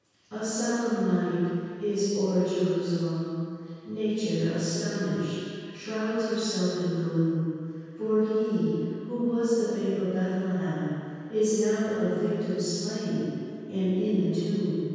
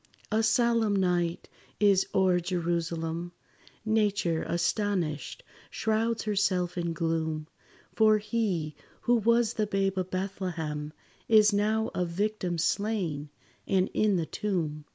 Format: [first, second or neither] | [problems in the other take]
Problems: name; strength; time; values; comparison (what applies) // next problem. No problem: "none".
second | room echo; dies away in 2.2 s